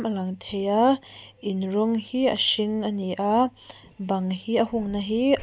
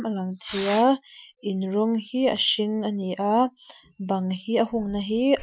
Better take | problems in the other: first | noise reduction (classical method Wiener filter)

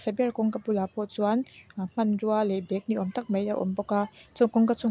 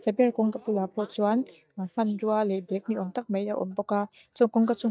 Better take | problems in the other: first | noise reduction (neural mask model DeepFilterNet 3)

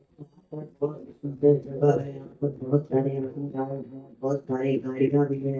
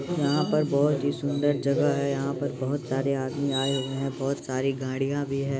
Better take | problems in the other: second | noise reduction (neural mask model DeepFilterNet 3)

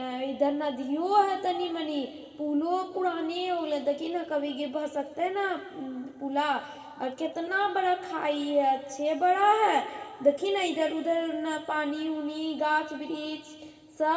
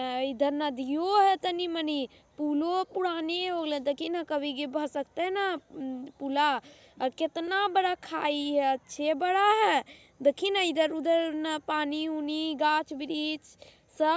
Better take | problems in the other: second | room echo; dies away in 2 s

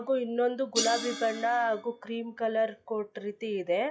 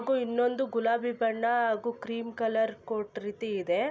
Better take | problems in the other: second | noise reduction (classical method log-MMSE)

